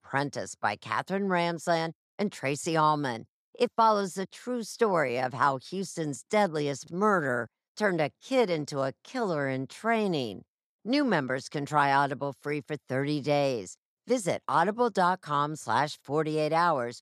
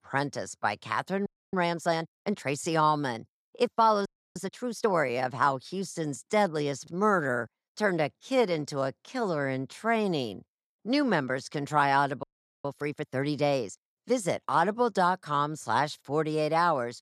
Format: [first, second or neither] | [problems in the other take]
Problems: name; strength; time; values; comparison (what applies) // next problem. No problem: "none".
first | audio freezing; at 1.5 s, at 4 s and at 12 s